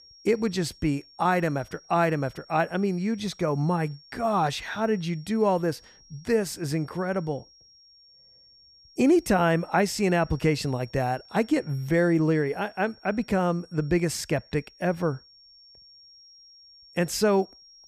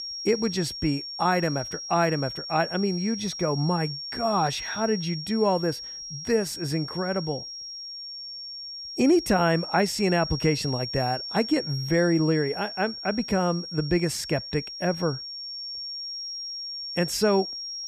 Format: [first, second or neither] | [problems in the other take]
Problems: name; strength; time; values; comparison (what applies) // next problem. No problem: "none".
first | high-pitched whine; loud; throughout; 5.5 kHz, 7 dB below the speech; faint in the first